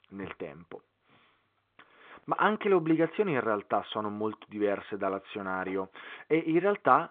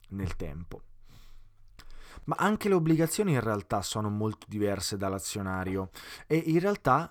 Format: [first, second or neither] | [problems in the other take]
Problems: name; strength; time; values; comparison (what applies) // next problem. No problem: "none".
second | phone-call audio; nothing above 3.5 kHz